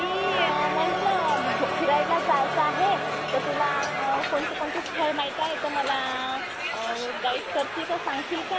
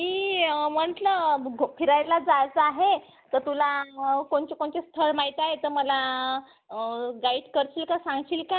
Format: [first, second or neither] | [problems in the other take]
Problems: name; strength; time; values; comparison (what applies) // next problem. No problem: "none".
second | background sound (Crowd); 1 dB below the speech